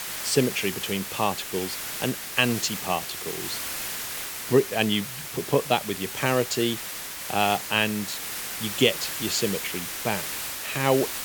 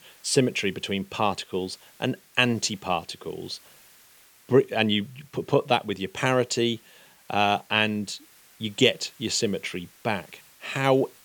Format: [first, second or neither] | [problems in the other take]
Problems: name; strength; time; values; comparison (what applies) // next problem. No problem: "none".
second | hiss; loud; throughout; 5 dB below the speech; faint in the second